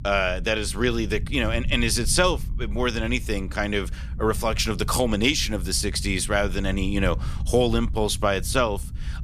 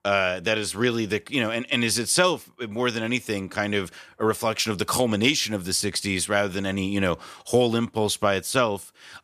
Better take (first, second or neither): second